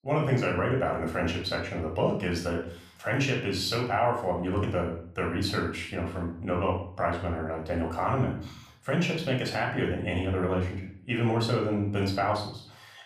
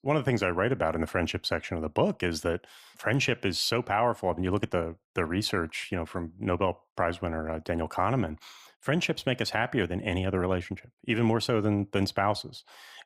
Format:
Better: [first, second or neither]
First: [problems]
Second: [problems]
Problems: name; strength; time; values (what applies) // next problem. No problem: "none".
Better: second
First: off-mic speech; somewhat distant // room echo; noticeable; dies away in 0.5 s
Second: none